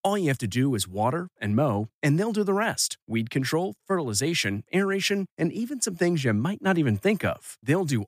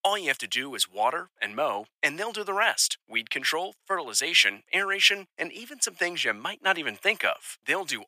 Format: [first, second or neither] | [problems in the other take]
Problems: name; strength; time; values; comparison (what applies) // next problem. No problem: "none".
first | thin; very; fading below 750 Hz